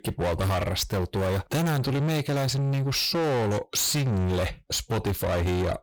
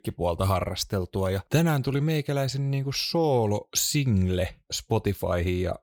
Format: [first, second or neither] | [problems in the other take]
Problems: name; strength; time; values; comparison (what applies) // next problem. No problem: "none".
second | distortion; heavy; 7 dB below the speech